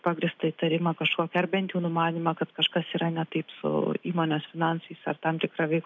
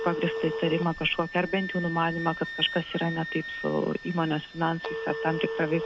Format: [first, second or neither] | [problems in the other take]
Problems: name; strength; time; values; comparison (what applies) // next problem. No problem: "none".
first | background sound (Wind instrument, woodwind instrument + Telephone); 7 dB below the speech